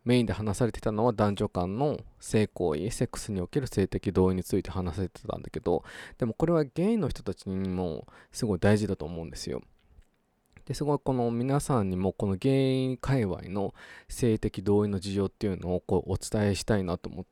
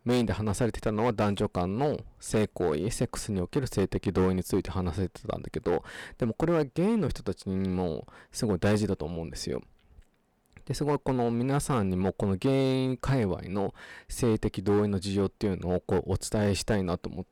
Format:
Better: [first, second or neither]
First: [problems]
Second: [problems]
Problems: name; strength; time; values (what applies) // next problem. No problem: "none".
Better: first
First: none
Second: distortion; slight; 6% of the sound clipped